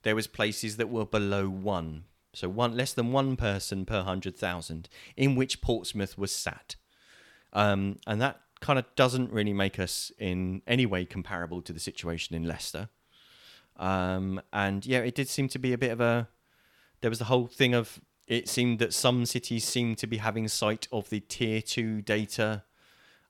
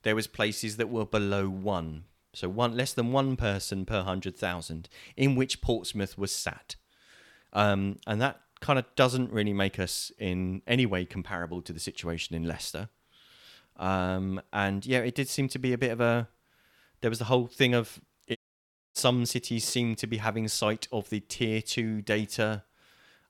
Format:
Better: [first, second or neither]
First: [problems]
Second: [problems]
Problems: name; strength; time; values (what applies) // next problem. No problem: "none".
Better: first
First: none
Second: audio cutting out; at 18 s for 0.5 s